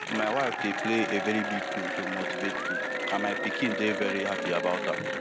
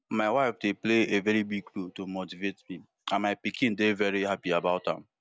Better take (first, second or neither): second